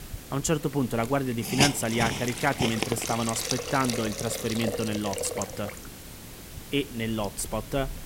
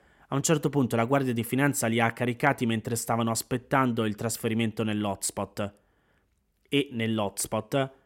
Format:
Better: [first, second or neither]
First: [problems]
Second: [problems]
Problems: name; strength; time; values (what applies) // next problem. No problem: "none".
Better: second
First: hiss; loud; throughout; 3 dB below the speech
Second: none